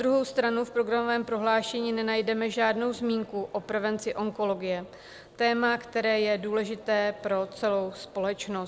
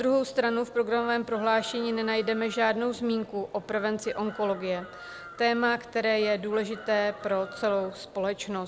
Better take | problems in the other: first | background sound (Chicken, rooster); 19 dB below the speech

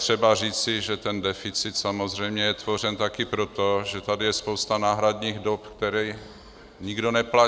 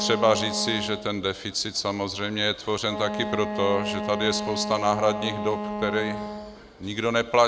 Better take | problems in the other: first | background sound (Wind instrument, woodwind instrument); 7 dB below the speech

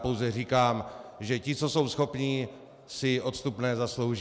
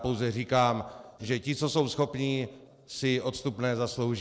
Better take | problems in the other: first | noise reduction (neural separator model SepFormer DNS4)

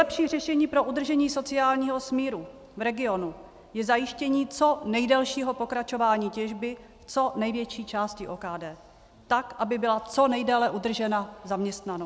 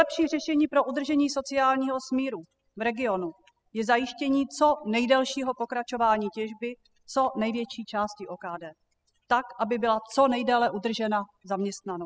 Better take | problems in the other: first | noise reduction (classical method spectral subtraction)

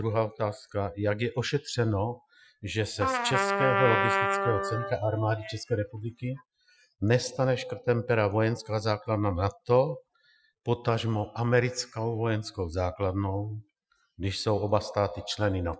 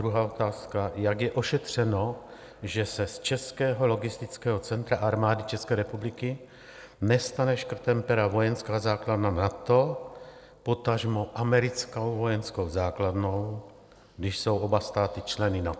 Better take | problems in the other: second | noise reduction (classical method Wiener filter)

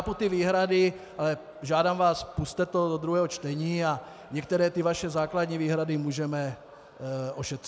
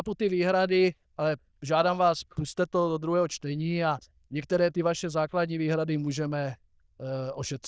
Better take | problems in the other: first | noise reduction (neural diffusion model UNIVERSE++)

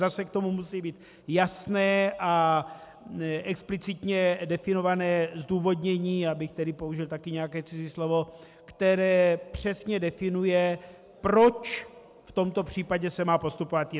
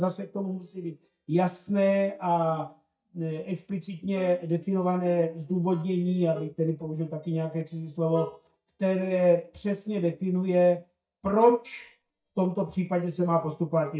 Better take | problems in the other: first | noise reduction (neural mask model DeepFilterNet 3)

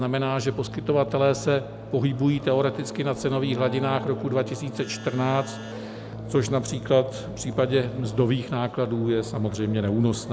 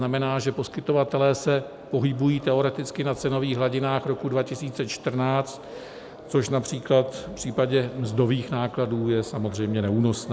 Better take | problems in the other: second | background sound (Keyboard (musical)); 12 dB below the speech

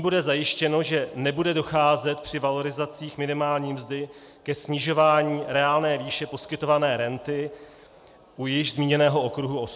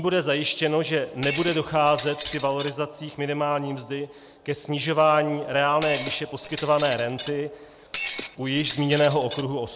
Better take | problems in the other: first | background sound (Shatter); 11 dB below the speech

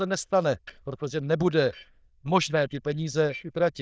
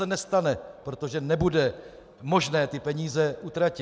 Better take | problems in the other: second | noise reduction (neural diffusion model UNIVERSE++)

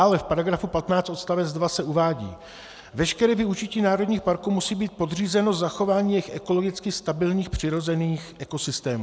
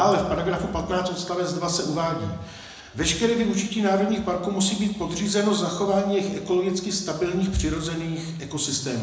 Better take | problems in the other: first | room echo; dies away in 0.9 s

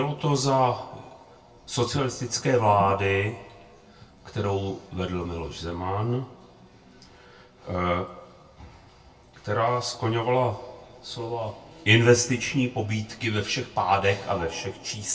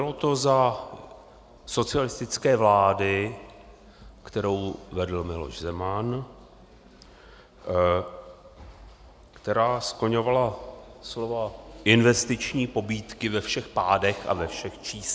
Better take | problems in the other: second | background sound (Gurgling / Liquid); 13 dB below the speech // room echo; dies away in 0.2 s

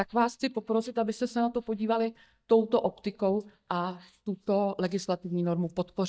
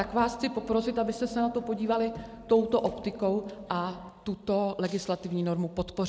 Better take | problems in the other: second | noise reduction (neural mask model DeepFilterNet 3)

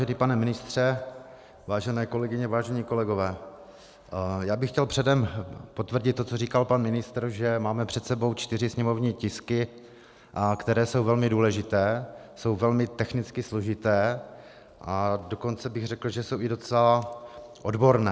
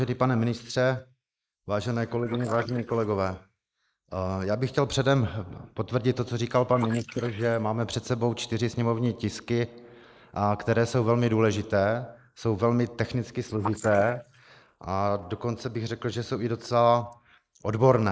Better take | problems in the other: first | noise reduction (neural mask model Resemble Enhance denoiser)

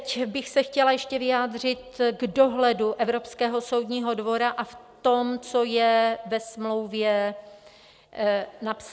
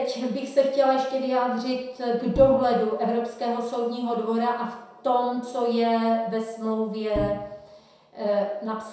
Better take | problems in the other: first | background sound (Bowed string instrument); 11 dB below the speech // room echo; dies away in 0.7 s

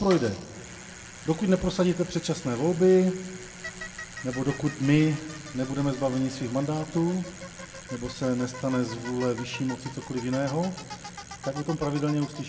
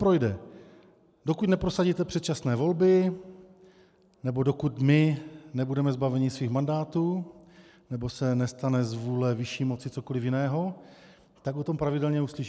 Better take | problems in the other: second | background sound (Bicycle); 14 dB below the speech // room echo; dies away in 0.6 s

